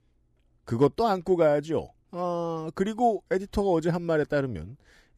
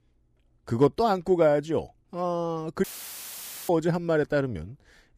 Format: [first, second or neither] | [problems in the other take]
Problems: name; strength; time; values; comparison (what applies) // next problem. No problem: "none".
first | audio cutting out; filled with static; at 3 s for 1 s